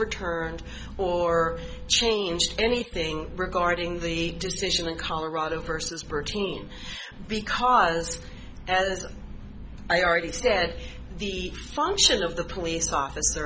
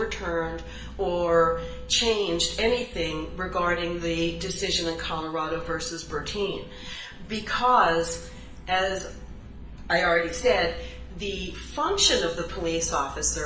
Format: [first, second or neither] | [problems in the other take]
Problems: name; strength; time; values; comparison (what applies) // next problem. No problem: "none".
first | room echo; dies away in 0.7 s